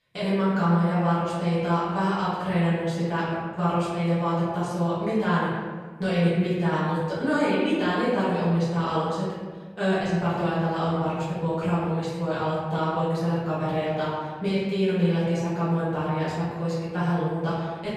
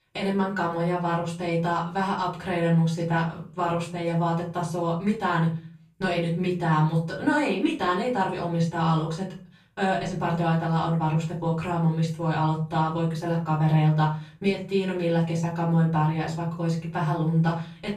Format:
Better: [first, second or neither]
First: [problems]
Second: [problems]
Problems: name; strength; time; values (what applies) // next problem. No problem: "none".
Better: second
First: room echo; strong; dies away in 1.4 s // off-mic speech; far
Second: room echo; slight; dies away in 0.4 s // off-mic speech; far